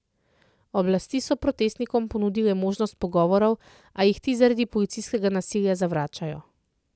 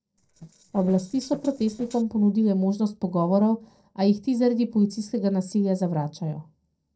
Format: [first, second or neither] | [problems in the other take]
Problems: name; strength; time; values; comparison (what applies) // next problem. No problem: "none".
first | noise reduction (neural separator model SepFormer DNS4)